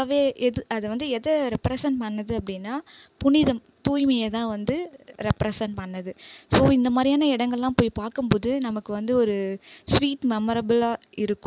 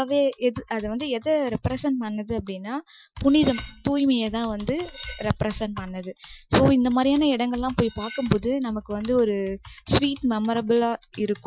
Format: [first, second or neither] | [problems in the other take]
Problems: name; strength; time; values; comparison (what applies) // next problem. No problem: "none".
first | noise reduction (classical method Wiener filter)